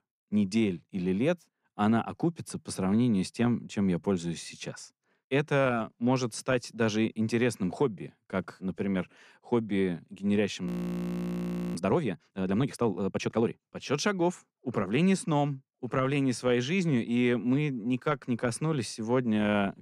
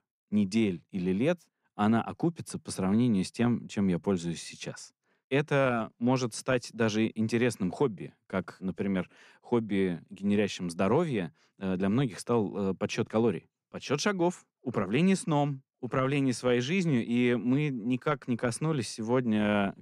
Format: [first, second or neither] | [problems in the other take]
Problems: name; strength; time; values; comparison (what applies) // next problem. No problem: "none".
second | audio freezing; at 11 s for 1 s